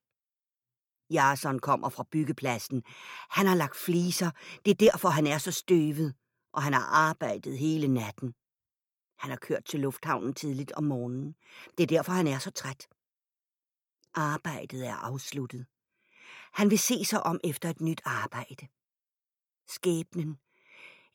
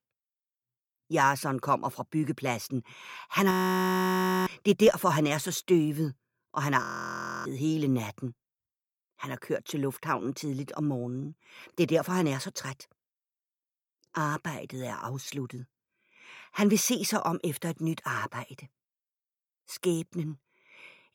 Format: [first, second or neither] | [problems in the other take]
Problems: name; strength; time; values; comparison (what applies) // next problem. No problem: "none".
first | audio freezing; at 3.5 s for 1 s and at 7 s for 0.5 s